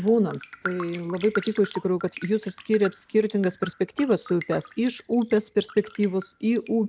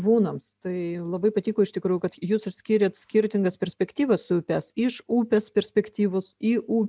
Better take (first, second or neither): second